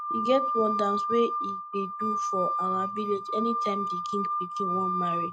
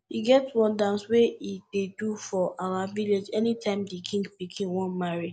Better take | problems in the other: second | noise reduction (neural mask model RNNoise)

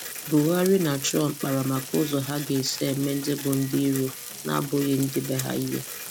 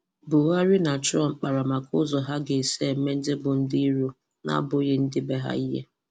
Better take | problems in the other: second | background sound (Frying (food) + Printer); 11 dB below the speech

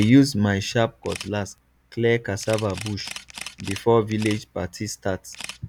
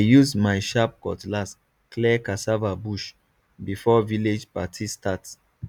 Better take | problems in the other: second | background sound (Camera); 17 dB below the speech

